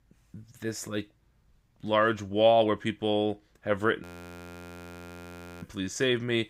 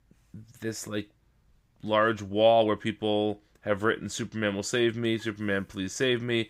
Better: second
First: audio freezing; at 4 s for 1.5 s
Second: none

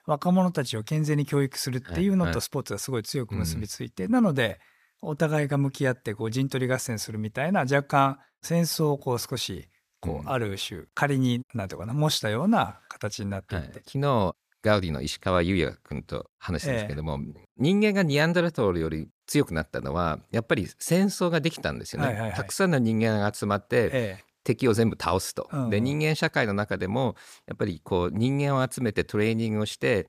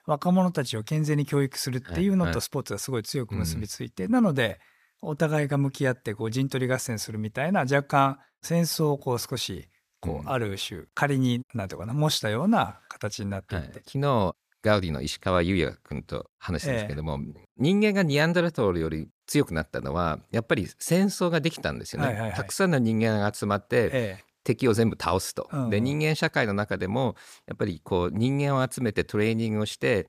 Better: neither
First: none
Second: none

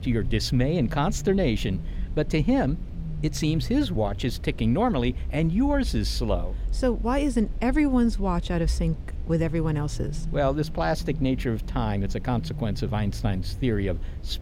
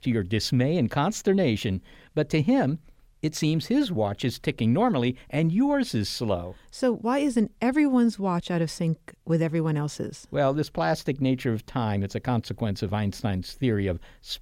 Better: second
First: low rumble; noticeable; throughout; 20 dB below the speech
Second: none

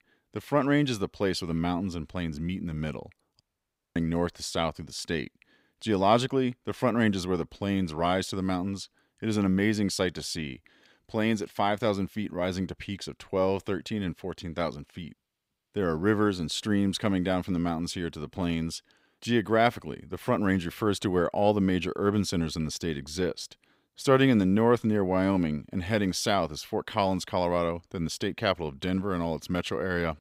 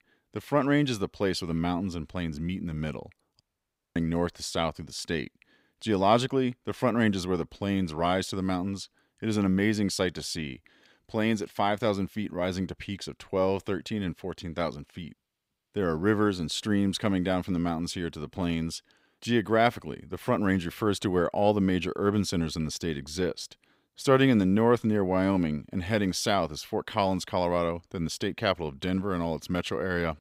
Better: neither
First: audio cutting out; at 3.5 s for 0.5 s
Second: audio cutting out; at 3.5 s for 0.5 s

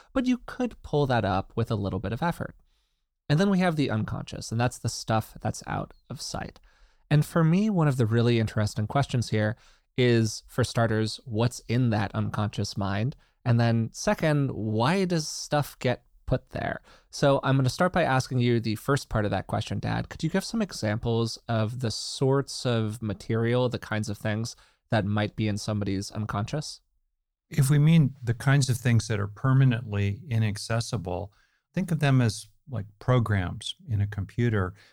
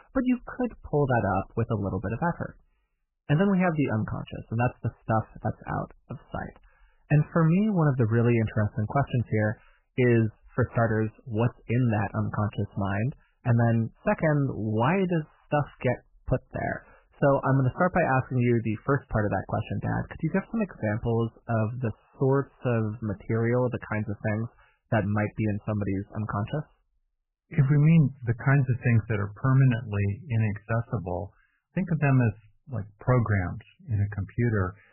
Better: first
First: none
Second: garbled, watery; badly; nothing above 3 kHz

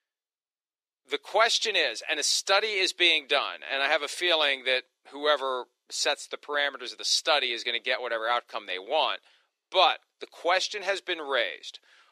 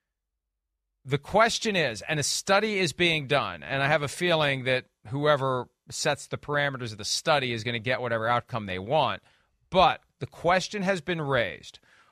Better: second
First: thin; very; fading below 300 Hz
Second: none

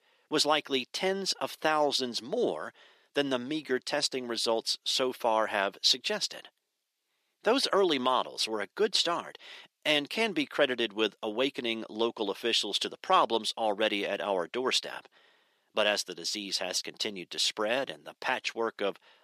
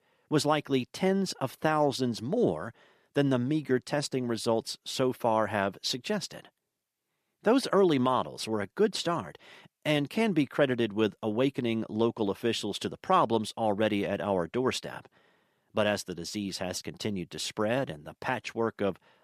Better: second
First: thin; somewhat; fading below 350 Hz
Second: none

